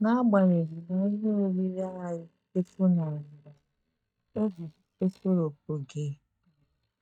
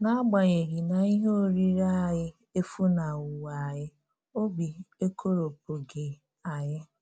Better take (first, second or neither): second